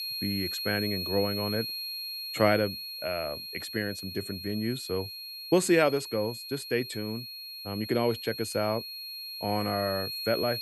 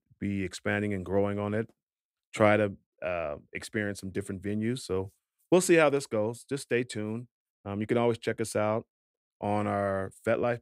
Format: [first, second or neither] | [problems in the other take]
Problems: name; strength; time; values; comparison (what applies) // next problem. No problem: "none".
second | high-pitched whine; loud; throughout; 4.5 kHz, 5 dB below the speech